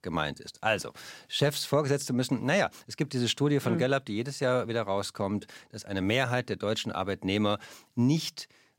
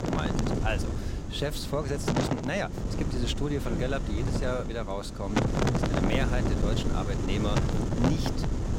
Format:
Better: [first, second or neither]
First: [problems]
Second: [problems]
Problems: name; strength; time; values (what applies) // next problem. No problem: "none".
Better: first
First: none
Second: wind noise on the microphone; heavy; as loud as the speech